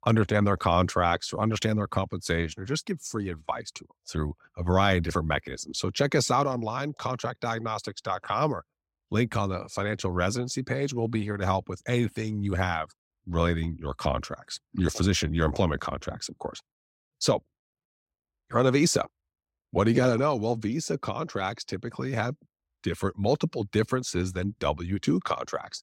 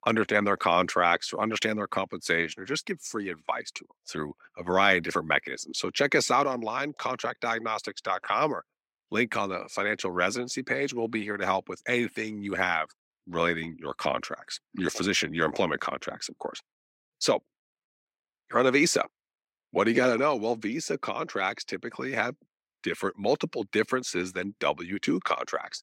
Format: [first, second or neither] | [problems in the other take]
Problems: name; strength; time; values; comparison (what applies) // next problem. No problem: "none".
first | thin; very slightly; fading below 300 Hz